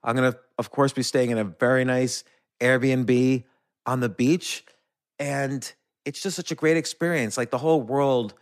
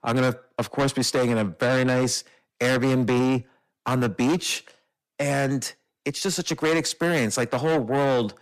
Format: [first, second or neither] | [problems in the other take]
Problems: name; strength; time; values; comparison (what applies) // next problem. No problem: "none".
first | distortion; heavy; 8 dB below the speech